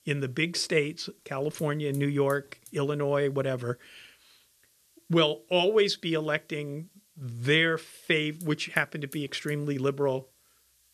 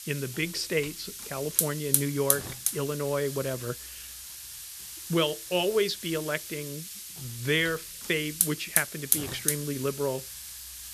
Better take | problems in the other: first | hiss; loud; throughout; 1 dB below the speech; faint in the first

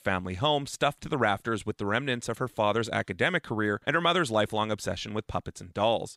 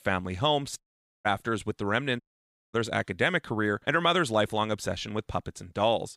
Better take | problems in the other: first | audio cutting out; at 1 s and at 2 s for 0.5 s

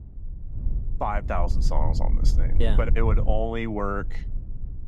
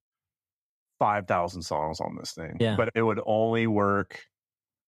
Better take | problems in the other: second | low rumble; noticeable; throughout; 15 dB below the speech

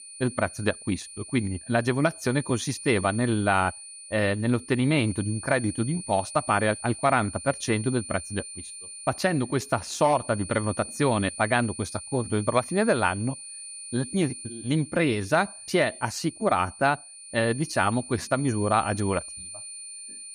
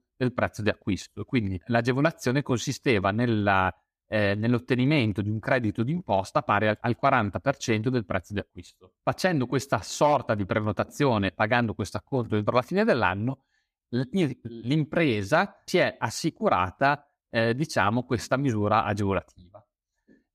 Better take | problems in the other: second | high-pitched whine; noticeable; throughout; 9.5 kHz, 10 dB below the speech

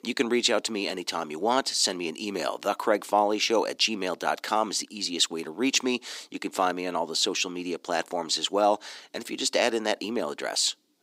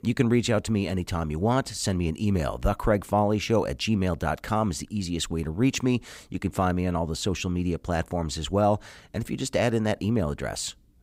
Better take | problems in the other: second | thin; somewhat; fading below 300 Hz

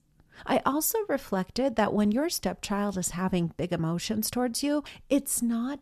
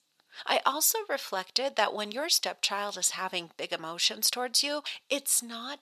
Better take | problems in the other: first | thin; very; fading below 650 Hz

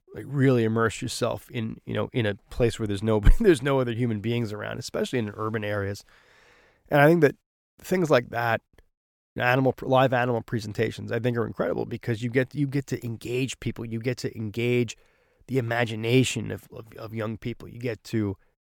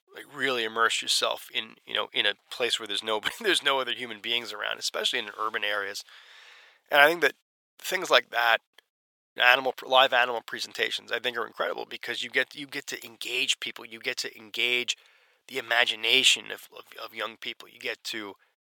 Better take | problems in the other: first | thin; very; fading below 850 Hz

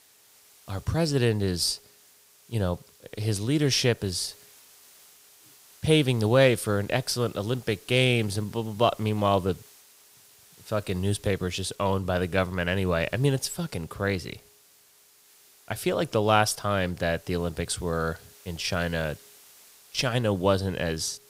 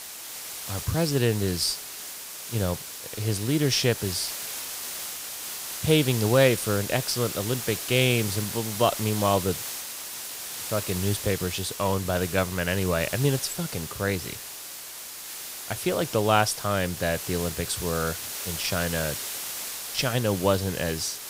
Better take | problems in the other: first | hiss; loud; throughout; 7 dB below the speech; faint in the first

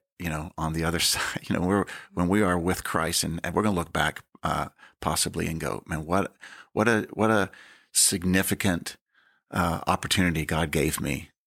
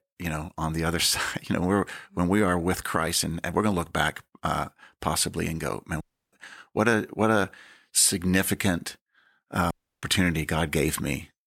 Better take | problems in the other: first | audio cutting out; at 6 s and at 9.5 s

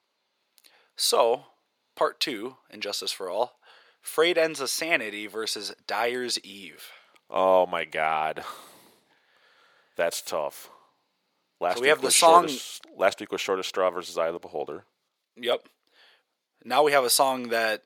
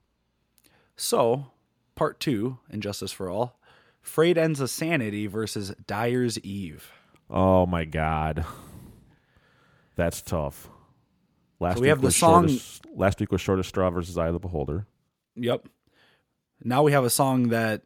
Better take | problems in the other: second | thin; very; fading below 550 Hz

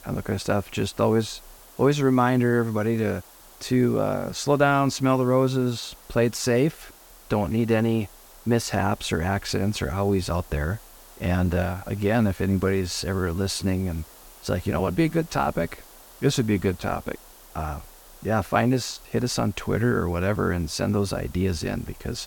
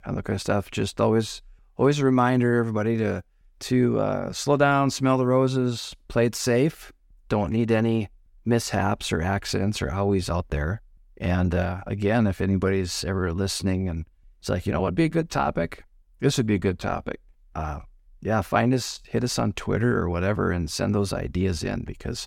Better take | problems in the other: second | hiss; faint; throughout; 25 dB below the speech

